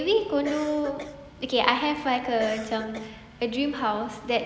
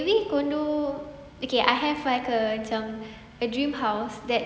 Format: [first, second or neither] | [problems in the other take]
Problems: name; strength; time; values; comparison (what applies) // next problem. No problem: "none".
second | background sound (Cough); 12 dB below the speech